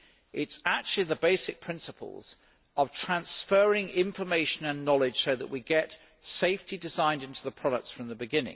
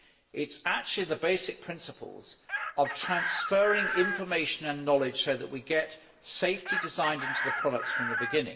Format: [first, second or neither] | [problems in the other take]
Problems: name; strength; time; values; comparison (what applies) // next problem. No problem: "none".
first | background sound (Chicken, rooster); 5 dB below the speech // room echo; dies away in 0.7 s